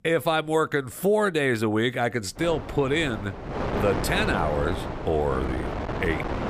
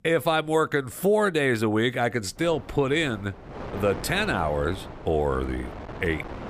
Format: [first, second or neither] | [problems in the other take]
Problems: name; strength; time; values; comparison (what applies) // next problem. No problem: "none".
second | wind noise on the microphone; heavy; from 2.5 s on; 7 dB below the speech; occasional gusts in the second